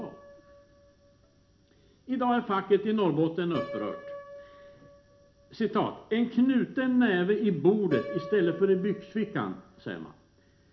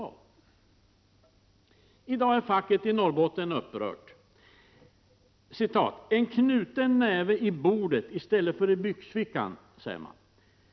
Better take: second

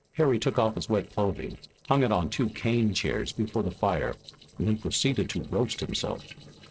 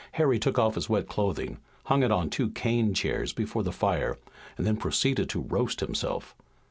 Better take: second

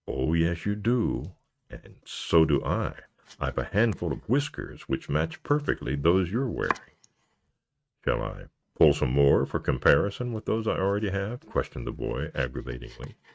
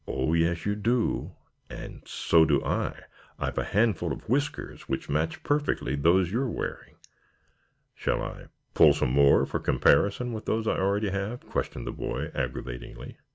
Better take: second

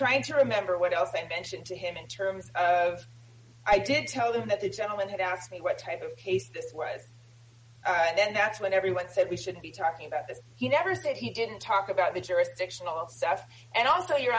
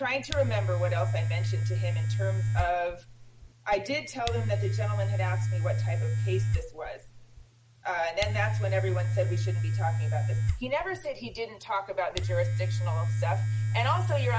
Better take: first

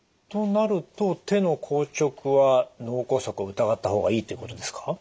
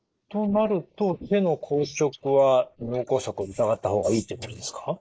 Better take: first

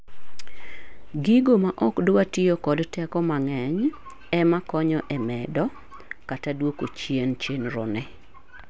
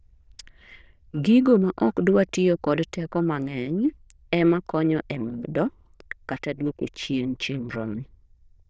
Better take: first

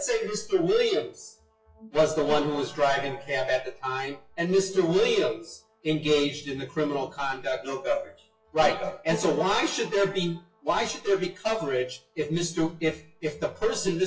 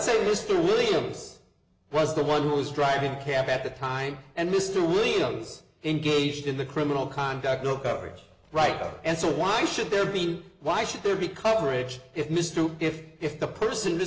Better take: second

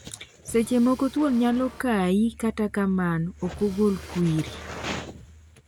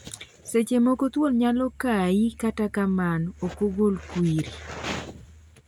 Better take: second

